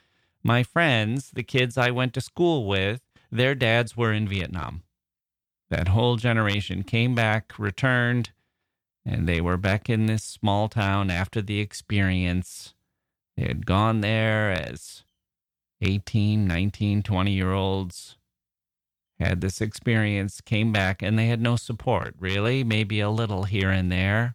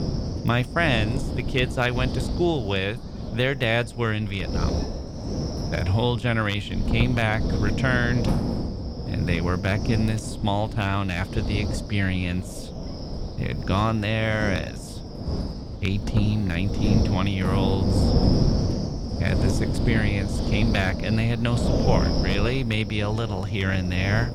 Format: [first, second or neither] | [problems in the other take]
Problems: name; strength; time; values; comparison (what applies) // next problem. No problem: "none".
first | wind noise on the microphone; heavy; 7 dB below the speech